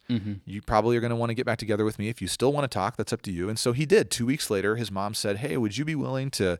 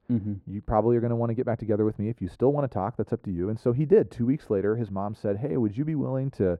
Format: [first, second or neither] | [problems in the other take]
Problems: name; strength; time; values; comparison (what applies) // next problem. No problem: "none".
first | muffled; very; fading above 2 kHz